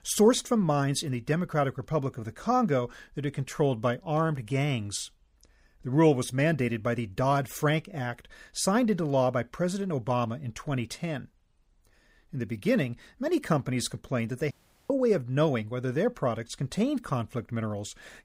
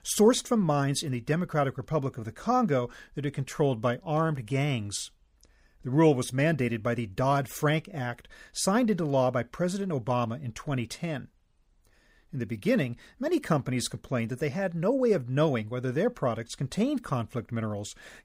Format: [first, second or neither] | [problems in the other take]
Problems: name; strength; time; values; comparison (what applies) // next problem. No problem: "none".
second | audio cutting out; at 15 s